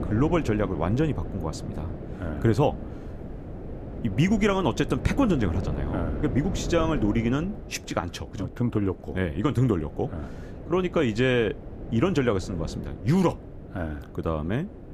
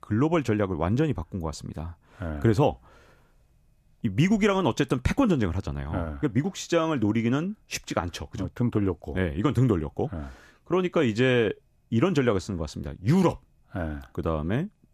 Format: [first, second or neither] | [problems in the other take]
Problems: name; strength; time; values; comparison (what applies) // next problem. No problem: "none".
second | wind noise on the microphone; occasional gusts; 15 dB below the speech